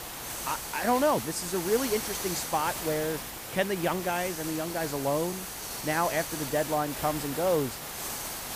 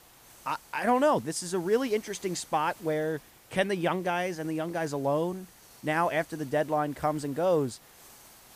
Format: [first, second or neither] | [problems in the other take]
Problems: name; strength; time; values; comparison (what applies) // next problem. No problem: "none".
second | hiss; loud; throughout; 5 dB below the speech; faint in the second